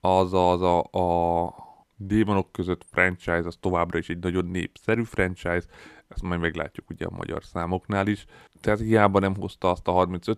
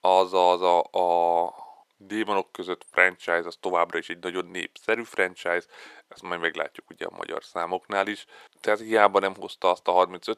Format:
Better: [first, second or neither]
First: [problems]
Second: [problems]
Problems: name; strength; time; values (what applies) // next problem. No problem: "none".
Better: first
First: none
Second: thin; very; fading below 550 Hz